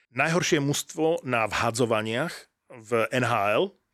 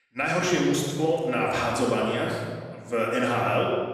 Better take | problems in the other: first | off-mic speech; far // room echo; noticeable; dies away in 1.6 s

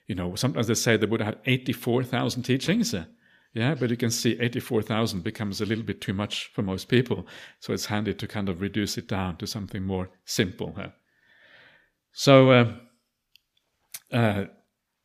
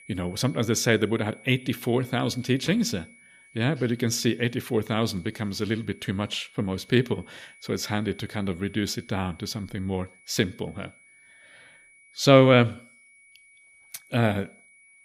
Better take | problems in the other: first | high-pitched whine; faint; throughout; 2 kHz, 25 dB below the speech

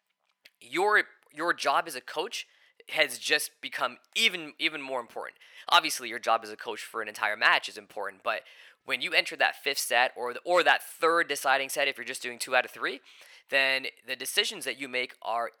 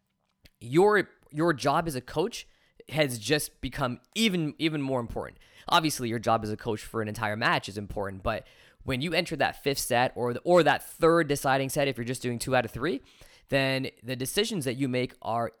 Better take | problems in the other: second | thin; very; fading below 550 Hz

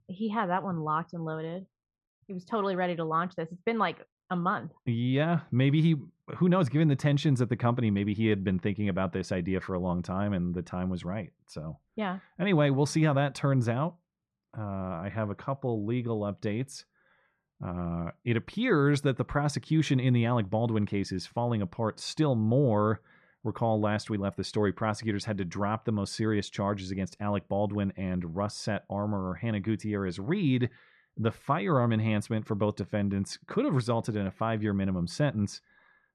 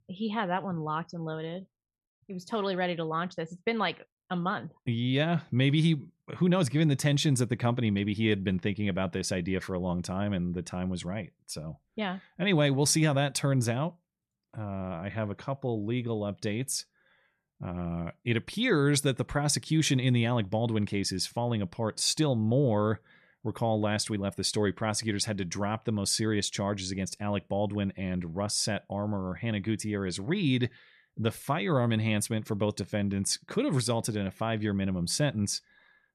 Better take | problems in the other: second | muffled; slightly; fading above 1.5 kHz

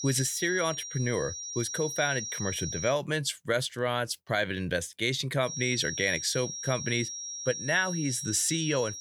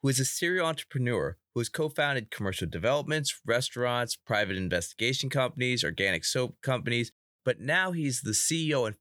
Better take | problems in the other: second | high-pitched whine; loud; until 3 s and from 5.5 s on; 5.5 kHz, 6 dB below the speech

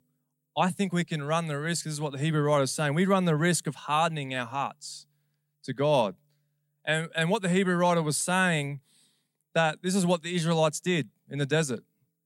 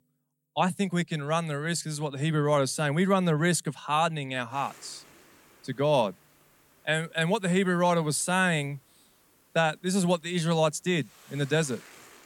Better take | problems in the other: first | hiss; faint; from 4.5 s on; 30 dB below the speech

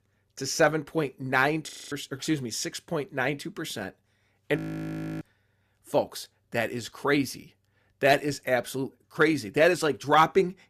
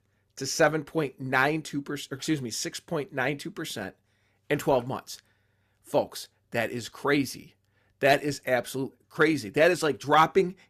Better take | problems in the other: second | audio freezing; at 1.5 s and at 4.5 s for 0.5 s

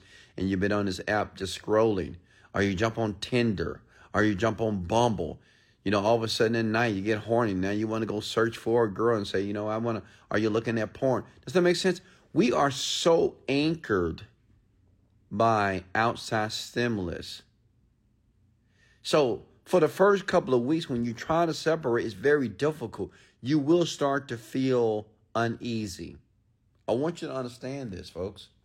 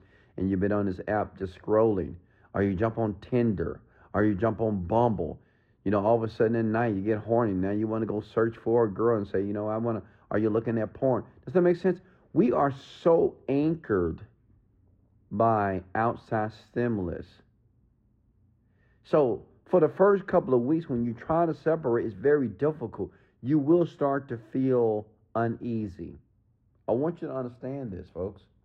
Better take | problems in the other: first | muffled; very; fading above 2.5 kHz

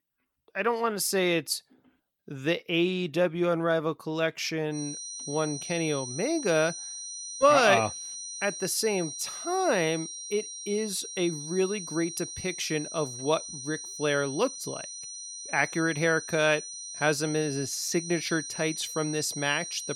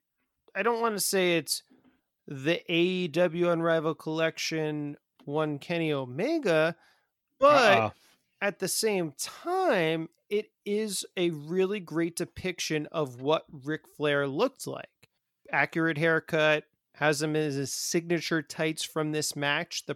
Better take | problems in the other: second | high-pitched whine; loud; from 5 s on; 6 kHz, 8 dB below the speech

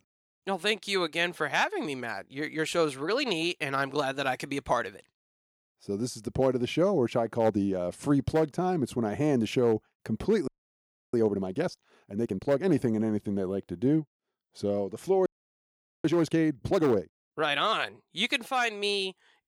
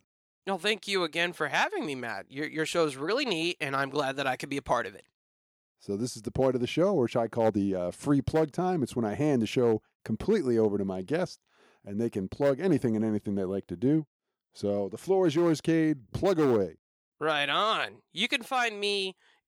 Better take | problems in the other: second | audio freezing; at 10 s for 0.5 s and at 15 s for 1 s

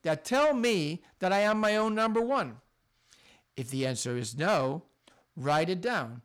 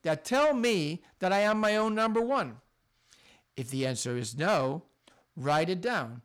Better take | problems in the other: neither | distortion; slight; 10 dB below the speech; the same in both

